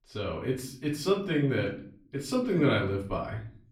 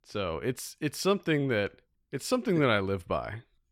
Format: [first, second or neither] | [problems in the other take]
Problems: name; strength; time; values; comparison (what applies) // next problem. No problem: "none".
second | off-mic speech; far // room echo; slight; dies away in 0.5 s